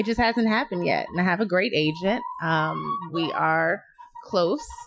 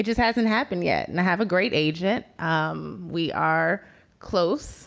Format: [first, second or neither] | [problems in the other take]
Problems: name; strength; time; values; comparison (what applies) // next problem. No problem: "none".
second | noise reduction (classical method Wiener filter)